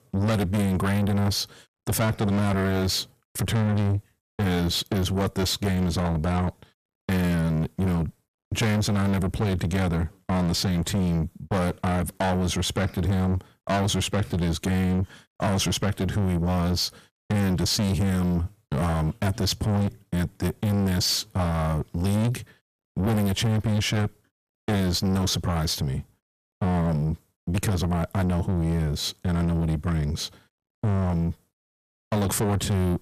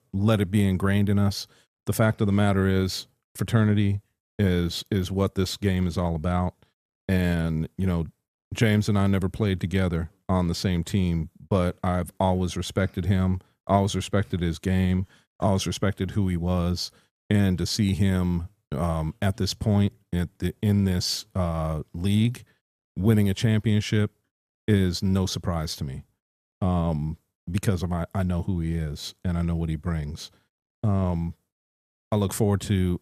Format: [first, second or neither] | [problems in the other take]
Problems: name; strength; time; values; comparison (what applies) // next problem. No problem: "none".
second | distortion; heavy; 5 dB below the speech